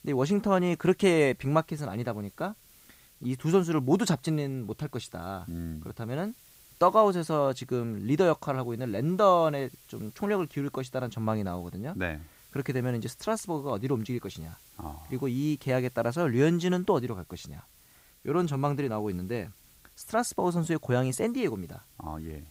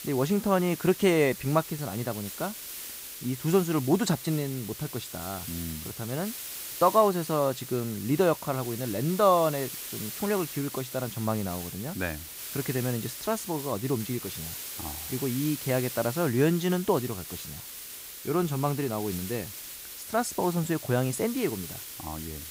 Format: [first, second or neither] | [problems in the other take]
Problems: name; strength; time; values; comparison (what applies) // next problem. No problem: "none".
first | hiss; loud; throughout; 9 dB below the speech; faint in the first